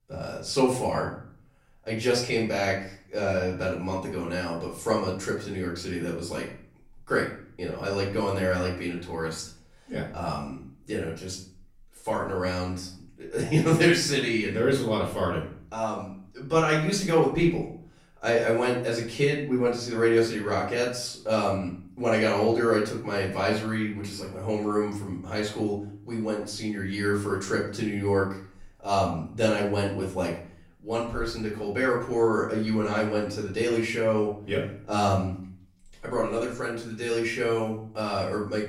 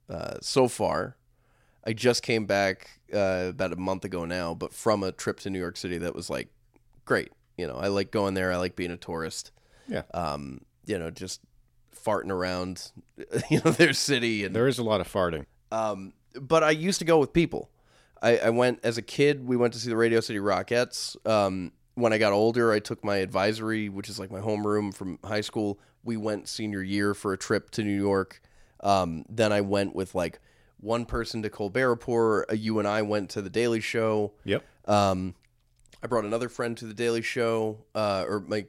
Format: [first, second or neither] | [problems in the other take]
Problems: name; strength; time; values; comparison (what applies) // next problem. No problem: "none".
second | off-mic speech; far // room echo; slight; dies away in 0.5 s